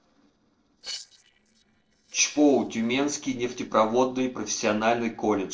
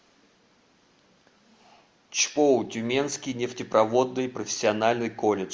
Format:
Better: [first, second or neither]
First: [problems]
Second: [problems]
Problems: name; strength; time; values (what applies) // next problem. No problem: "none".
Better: second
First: noise reduction (neural separator model SepFormer DNS4)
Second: none